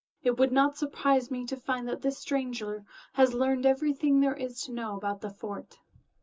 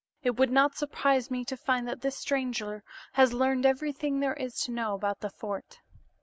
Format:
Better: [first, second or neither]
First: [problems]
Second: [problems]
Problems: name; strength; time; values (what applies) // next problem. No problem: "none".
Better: second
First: room echo; dies away in 0.2 s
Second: none